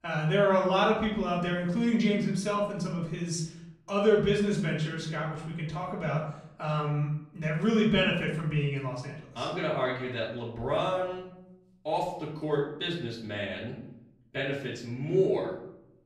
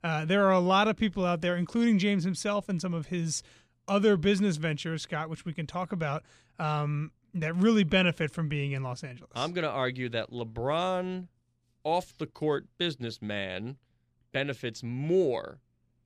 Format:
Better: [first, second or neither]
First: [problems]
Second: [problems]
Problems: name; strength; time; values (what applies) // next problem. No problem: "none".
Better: second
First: off-mic speech; far // room echo; noticeable; dies away in 0.6 s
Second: none